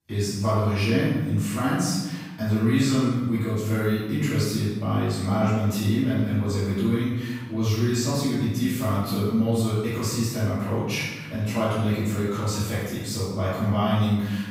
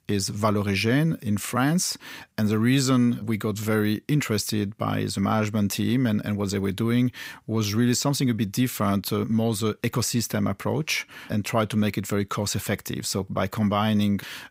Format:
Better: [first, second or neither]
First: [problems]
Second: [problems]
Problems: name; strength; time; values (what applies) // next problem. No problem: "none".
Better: second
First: off-mic speech; far // room echo; strong; dies away in 1 s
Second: none